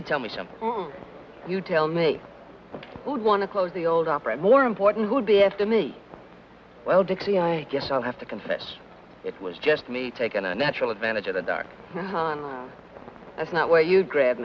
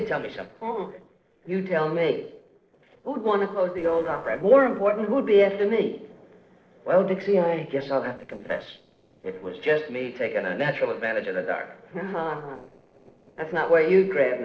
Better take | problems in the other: first | noise reduction (neural separator model SepFormer DNS4)

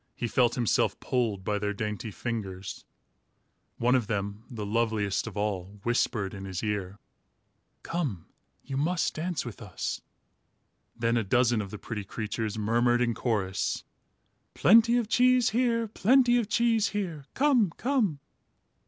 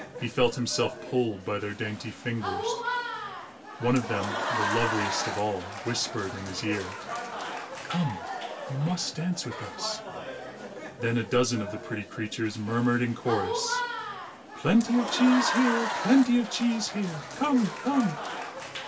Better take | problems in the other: first | background sound (Applause / Crowd); 6 dB below the speech // room echo; dies away in 0.2 s

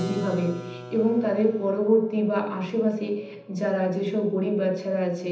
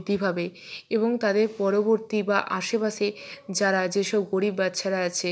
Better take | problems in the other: second | background sound (Keyboard (musical)); 17 dB below the speech // room echo; dies away in 0.8 s

